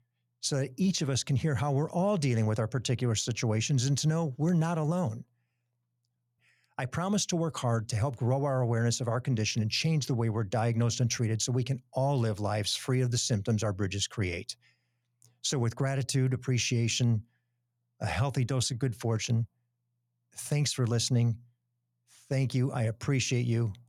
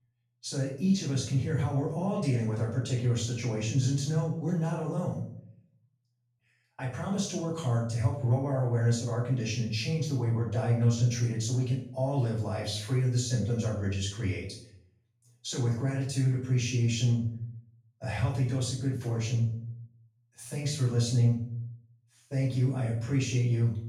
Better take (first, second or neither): first